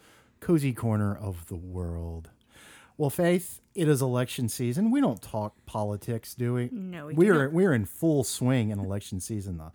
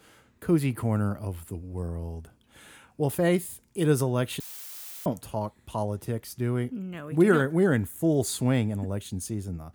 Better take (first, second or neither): first